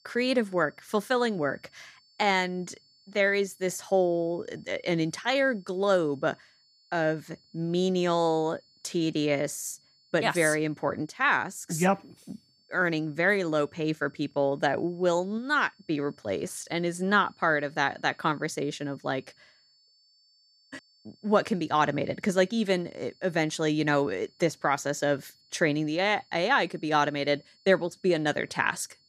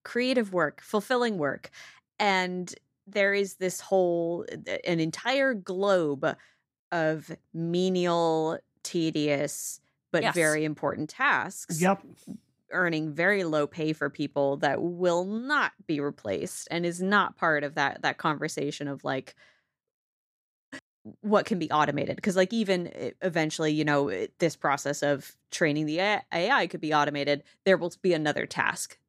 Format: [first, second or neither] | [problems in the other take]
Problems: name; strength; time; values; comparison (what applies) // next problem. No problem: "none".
second | high-pitched whine; faint; throughout; 4.5 kHz, 35 dB below the speech